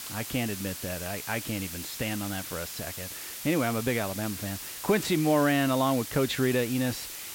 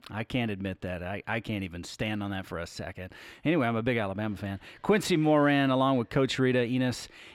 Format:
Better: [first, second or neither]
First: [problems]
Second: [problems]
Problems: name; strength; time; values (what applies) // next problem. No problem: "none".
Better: second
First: hiss; loud; throughout; 7 dB below the speech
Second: none